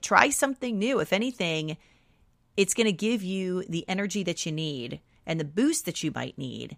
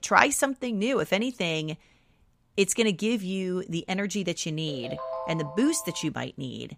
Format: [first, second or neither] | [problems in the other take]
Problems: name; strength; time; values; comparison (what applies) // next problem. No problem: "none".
first | phone ringing; noticeable; from 4.5 to 6 s; peak 7 dB below the speech